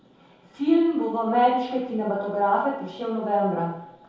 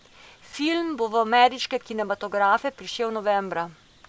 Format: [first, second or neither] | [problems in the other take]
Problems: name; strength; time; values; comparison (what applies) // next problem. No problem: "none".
second | room echo; dies away in 0.8 s